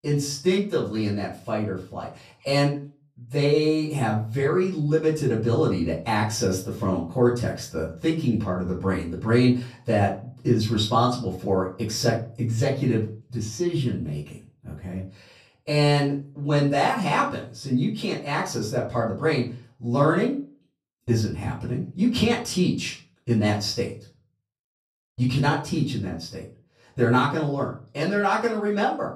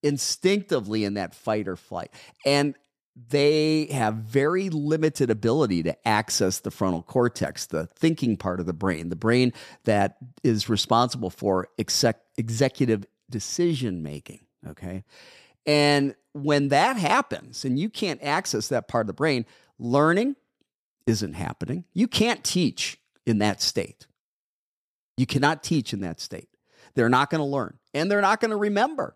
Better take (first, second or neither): second